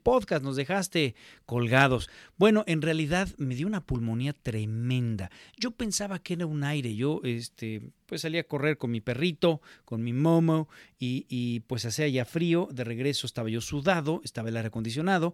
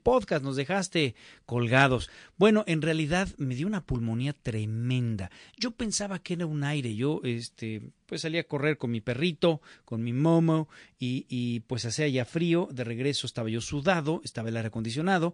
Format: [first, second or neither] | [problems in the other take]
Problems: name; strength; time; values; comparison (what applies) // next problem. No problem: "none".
first | garbled, watery; slightly; nothing above 8 kHz